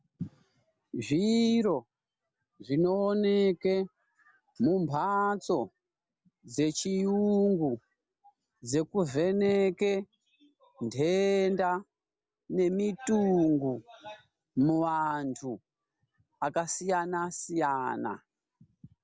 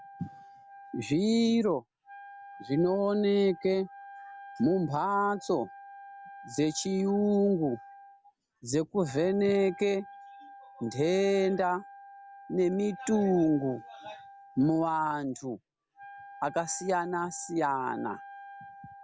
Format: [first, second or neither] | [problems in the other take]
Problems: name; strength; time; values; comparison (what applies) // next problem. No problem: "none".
first | background sound (Wind instrument, woodwind instrument); 19 dB below the speech